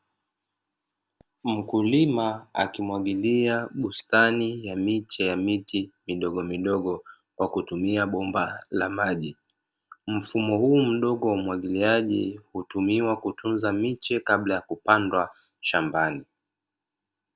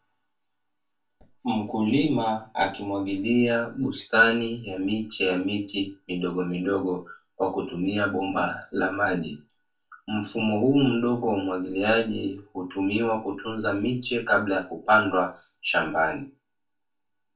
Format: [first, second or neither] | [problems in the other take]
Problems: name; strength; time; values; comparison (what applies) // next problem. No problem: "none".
first | room echo; dies away in 0.2 s